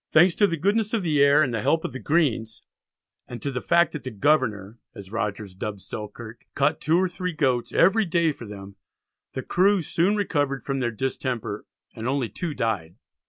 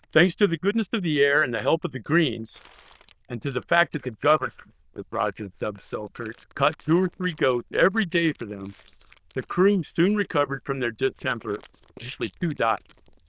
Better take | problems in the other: first | noise reduction (neural diffusion model UNIVERSE++)

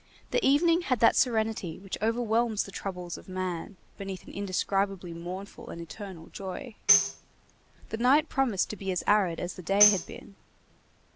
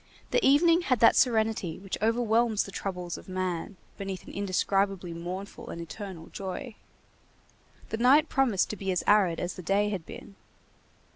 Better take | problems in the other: second | background sound (Tambourine); 1 dB below the speech

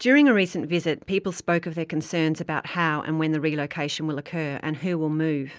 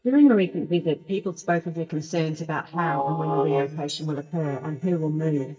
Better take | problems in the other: first | noise reduction (neural mask model DeepFilterNet 3)

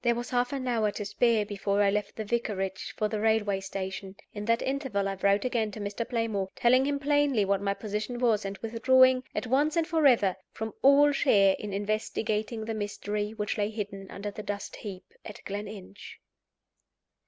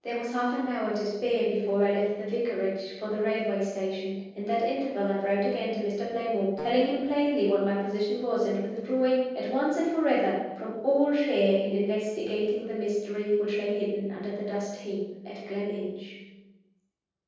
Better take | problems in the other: first | noise reduction (neural separator model SepFormer DNS4)

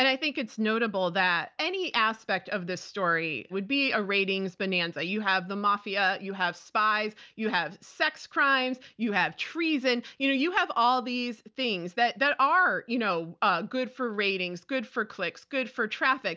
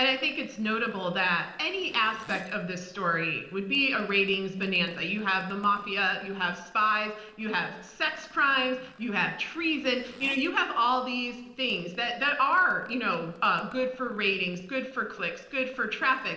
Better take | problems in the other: first | noise reduction (neural separator model SepFormer DNS4)

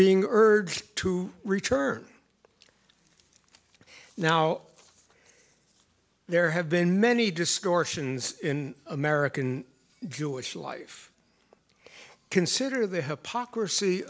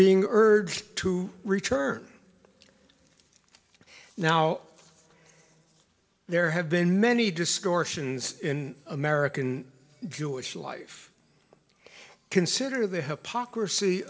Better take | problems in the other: first | room echo; dies away in 0.3 s

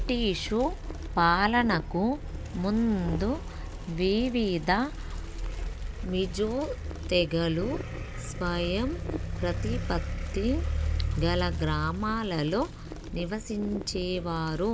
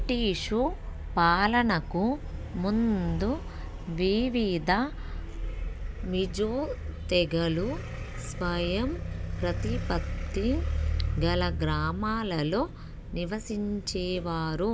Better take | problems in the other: second | background sound (Wind); 18 dB below the speech

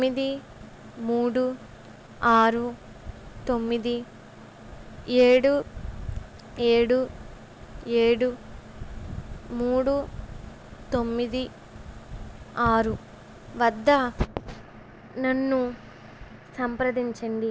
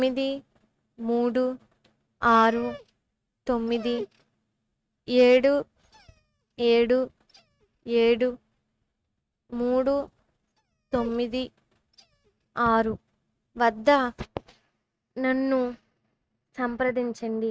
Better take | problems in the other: first | noise reduction (neural mask model RNNoise)

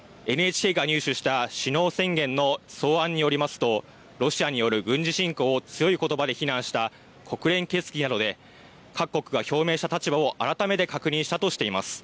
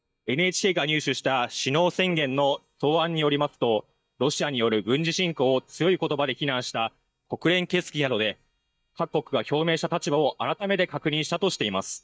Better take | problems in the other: first | noise reduction (neural mask model DeepFilterNet 3)

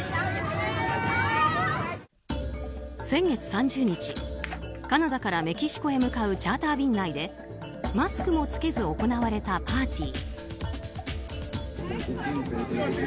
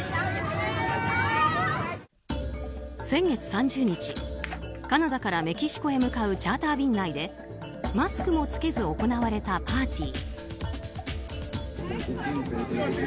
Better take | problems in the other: second | background sound (Fart); 16 dB below the speech

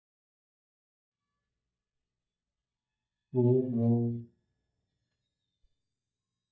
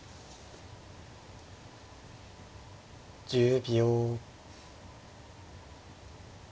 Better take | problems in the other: second | noise reduction (neural mask model DeepFilterNet 3)

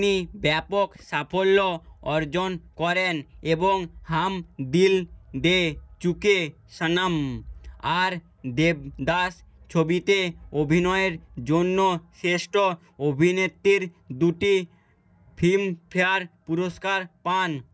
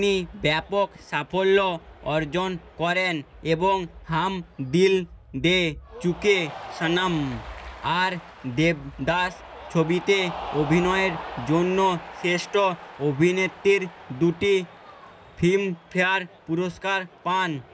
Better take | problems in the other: first | background sound (Cheering); 16 dB below the speech

